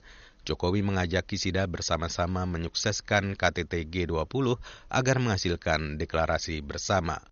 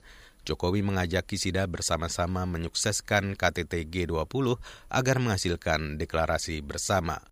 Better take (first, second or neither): second